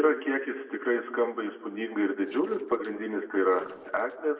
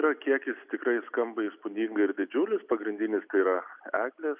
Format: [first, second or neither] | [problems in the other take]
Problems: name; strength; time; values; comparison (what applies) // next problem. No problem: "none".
second | noise reduction (neural separator model SepFormer DNS4)